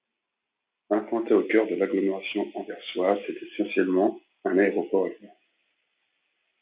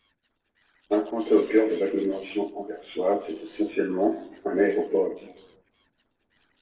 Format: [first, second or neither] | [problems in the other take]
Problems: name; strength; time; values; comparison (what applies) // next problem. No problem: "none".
first | noise reduction (neural separator model SepFormer DNS4)